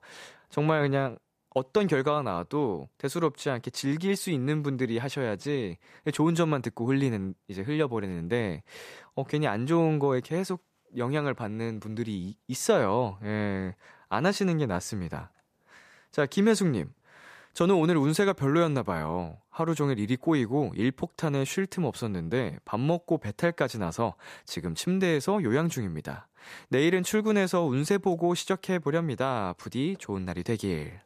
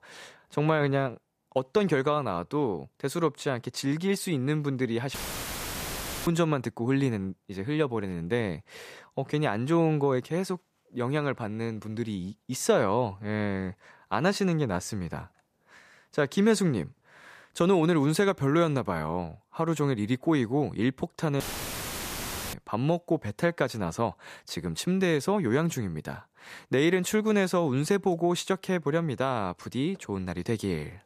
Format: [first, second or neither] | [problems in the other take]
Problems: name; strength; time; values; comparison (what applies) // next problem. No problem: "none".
first | audio cutting out; filled with static; at 5 s for 1 s and at 21 s for 1 s